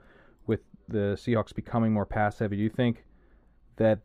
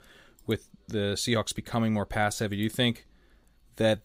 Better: second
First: muffled; very; fading above 3 kHz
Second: none

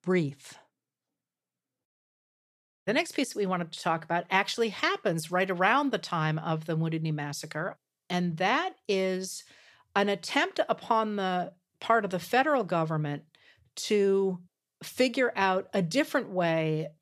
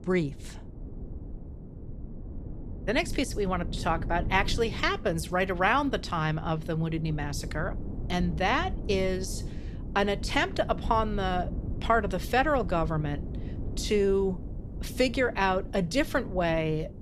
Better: first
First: none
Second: wind noise on the microphone; occasional gusts; 20 dB below the speech

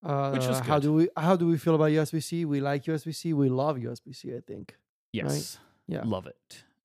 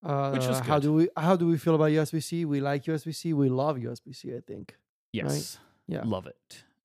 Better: neither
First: none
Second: none

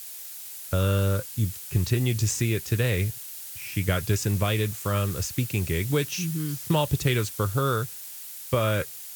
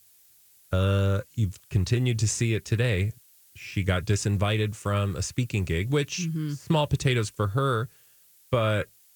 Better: second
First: hiss; loud; throughout; 9 dB below the speech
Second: hiss; faint; throughout; 30 dB below the speech

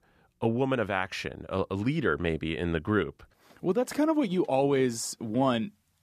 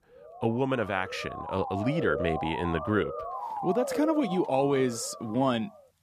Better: first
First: none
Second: siren; noticeable; peak 3 dB below the speech

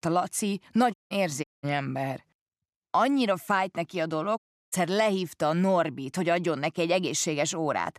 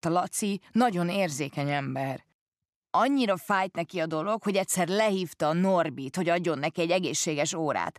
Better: second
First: audio cutting out; at 1 s, at 1.5 s and at 4.5 s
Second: none

